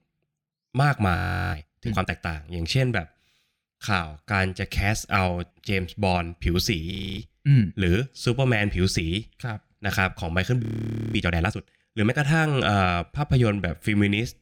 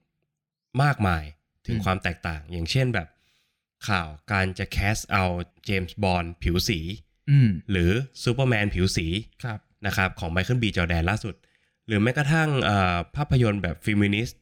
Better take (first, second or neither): second